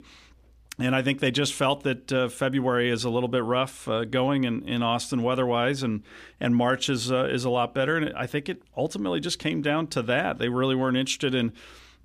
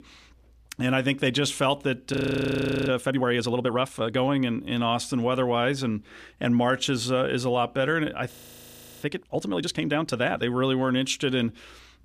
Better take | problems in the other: first | audio freezing; at 2 s for 0.5 s and at 8.5 s for 0.5 s

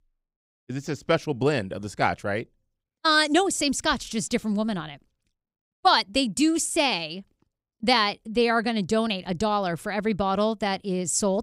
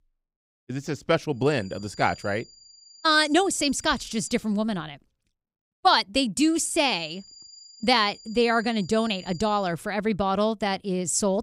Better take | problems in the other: first | high-pitched whine; faint; from 1.5 to 4.5 s and from 6.5 to 9.5 s; 5 kHz, 20 dB below the speech

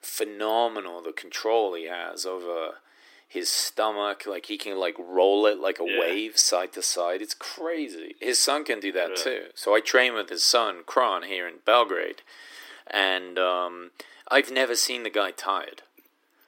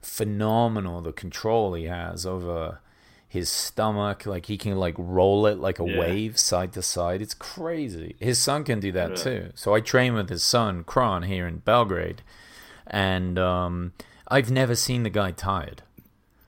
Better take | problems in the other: second | thin; very; fading below 300 Hz

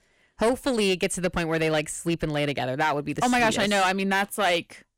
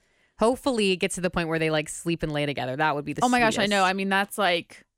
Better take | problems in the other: second | distortion; slight; 7% of the sound clipped

